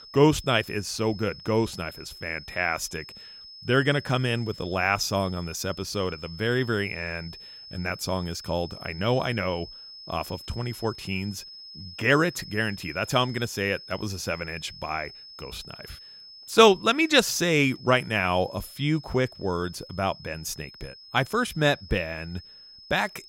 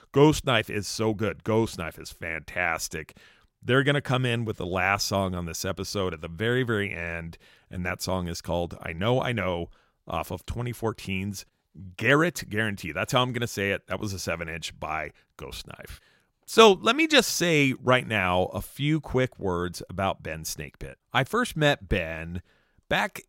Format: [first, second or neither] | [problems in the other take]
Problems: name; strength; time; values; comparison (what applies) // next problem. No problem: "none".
second | high-pitched whine; noticeable; throughout; 5 kHz, 15 dB below the speech